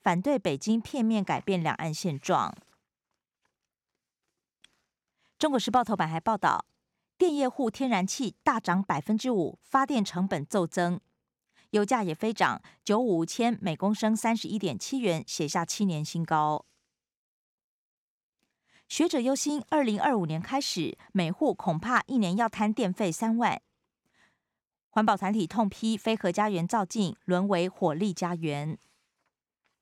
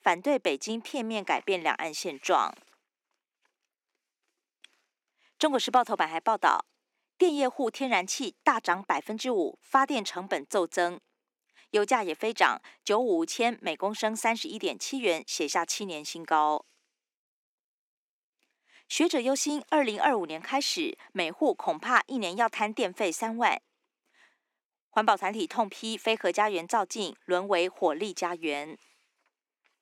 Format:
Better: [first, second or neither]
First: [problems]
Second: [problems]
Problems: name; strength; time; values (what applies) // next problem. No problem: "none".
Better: first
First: none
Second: thin; somewhat; fading below 300 Hz